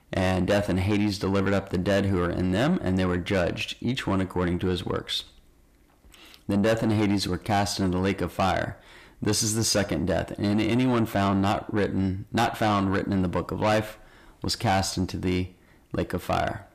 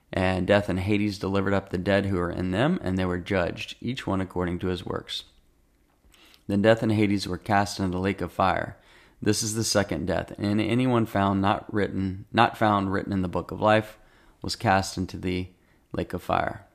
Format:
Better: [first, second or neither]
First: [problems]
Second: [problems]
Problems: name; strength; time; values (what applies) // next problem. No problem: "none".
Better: second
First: distortion; heavy; 8 dB below the speech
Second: none